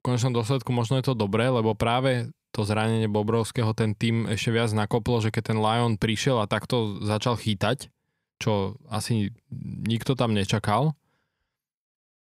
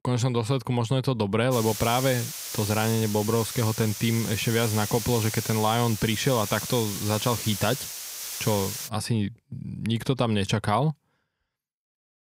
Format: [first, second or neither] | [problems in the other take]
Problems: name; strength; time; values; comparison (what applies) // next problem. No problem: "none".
first | hiss; loud; from 1.5 to 9 s; 6 dB below the speech